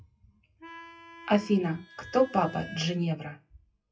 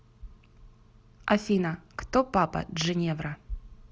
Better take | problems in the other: second | noise reduction (classical method WPE with log-MMSE)

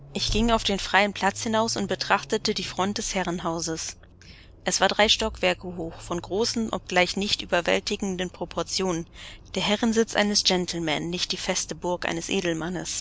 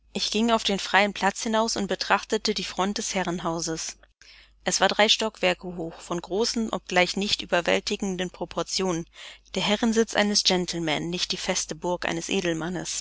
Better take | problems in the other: second | background sound (Accelerating, revving, vroom); 16 dB below the speech

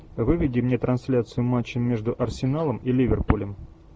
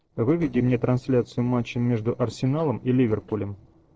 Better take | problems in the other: first | noise reduction (neural separator model SepFormer DNS4)

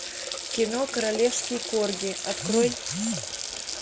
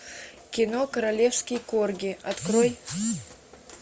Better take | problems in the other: second | background sound (Water tap, faucet); 6 dB below the speech

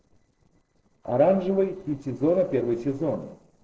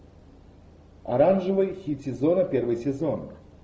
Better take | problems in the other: second | noise reduction (neural separator model SepFormer DNS4)

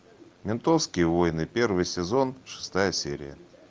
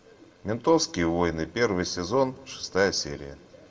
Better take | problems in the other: first | room echo; dies away in 0.5 s

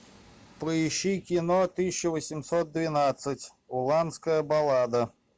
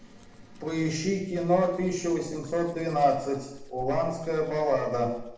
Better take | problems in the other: first | background sound (Domestic sounds, home sounds); 18 dB below the speech // room echo; dies away in 0.8 s

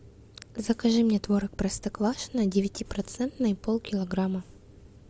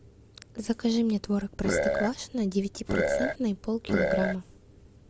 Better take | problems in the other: first | background sound (Burping, eructation); 4 dB above the speech

